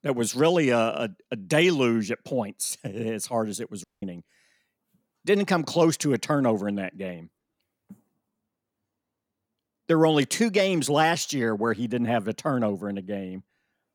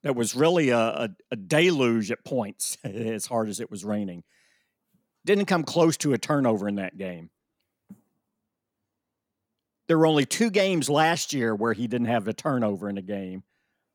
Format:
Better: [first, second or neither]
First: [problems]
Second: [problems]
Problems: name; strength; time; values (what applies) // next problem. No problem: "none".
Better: second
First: audio cutting out; at 4 s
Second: none